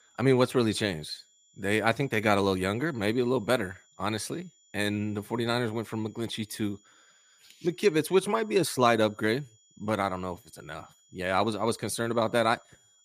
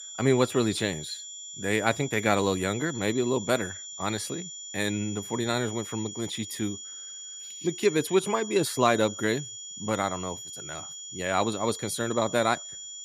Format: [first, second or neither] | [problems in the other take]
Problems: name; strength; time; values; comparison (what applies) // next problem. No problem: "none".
first | high-pitched whine; loud; throughout; 7 kHz, 10 dB below the speech; faint in the first